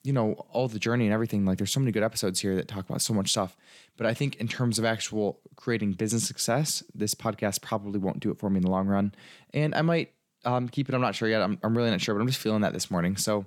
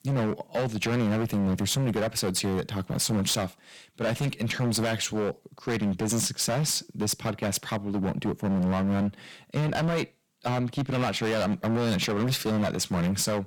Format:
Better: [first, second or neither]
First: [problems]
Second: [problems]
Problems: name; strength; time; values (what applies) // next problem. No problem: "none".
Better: first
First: none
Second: distortion; heavy; 22% of the sound clipped